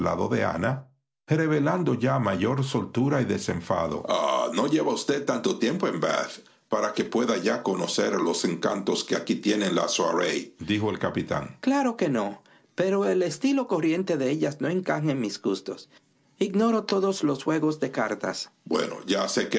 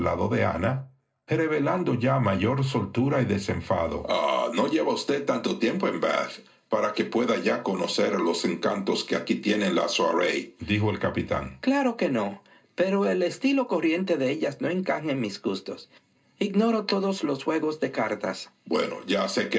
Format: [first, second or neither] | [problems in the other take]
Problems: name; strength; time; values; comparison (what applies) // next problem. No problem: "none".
first | room echo; dies away in 0.2 s